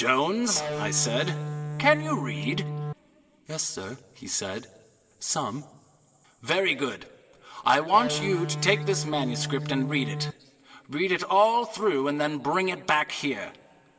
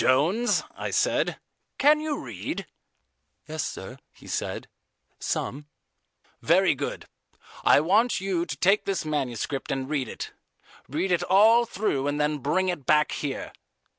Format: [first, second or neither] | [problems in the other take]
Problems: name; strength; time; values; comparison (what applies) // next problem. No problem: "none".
second | background sound (Electric guitar); 4 dB below the speech // room echo; dies away in 2.7 s